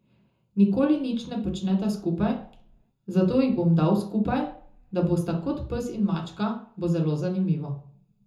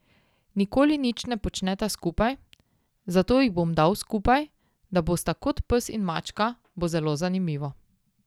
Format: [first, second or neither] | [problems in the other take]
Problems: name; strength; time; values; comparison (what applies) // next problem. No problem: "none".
second | room echo; dies away in 0.5 s